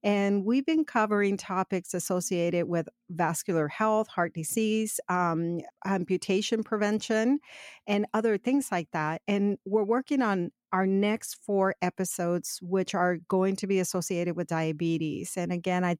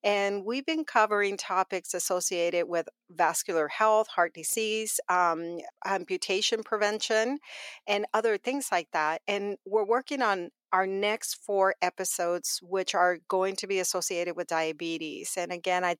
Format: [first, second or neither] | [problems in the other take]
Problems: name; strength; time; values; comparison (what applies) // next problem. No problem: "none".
first | thin; very; fading below 550 Hz